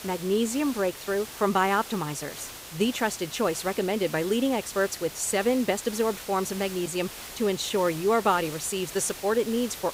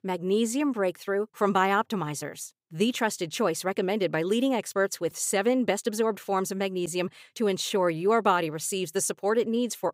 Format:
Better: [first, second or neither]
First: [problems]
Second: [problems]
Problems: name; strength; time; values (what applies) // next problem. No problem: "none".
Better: second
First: hiss; noticeable; throughout; 10 dB below the speech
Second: none